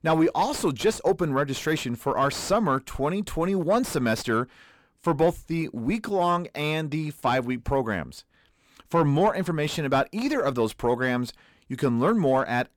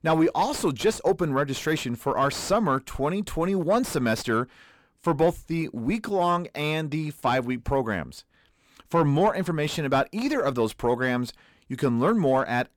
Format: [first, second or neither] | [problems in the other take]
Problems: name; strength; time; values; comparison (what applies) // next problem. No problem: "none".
neither | distortion; slight; 10 dB below the speech; the same in both